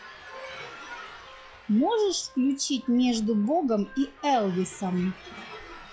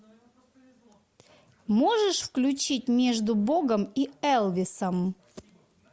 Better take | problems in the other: second | noise reduction (classical method log-MMSE)

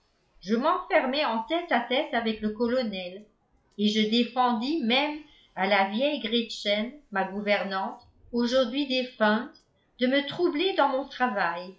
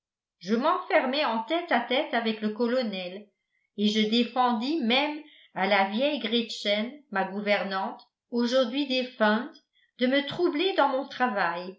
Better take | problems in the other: second | noise reduction (classical method log-MMSE)

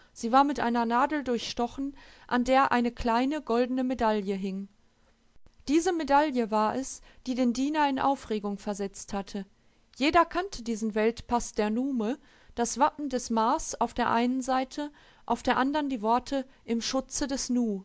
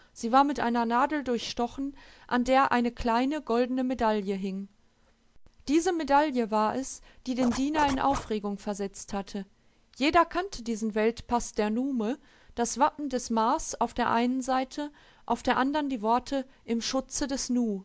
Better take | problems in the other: first | background sound (Zipper (clothing)); 8 dB below the speech

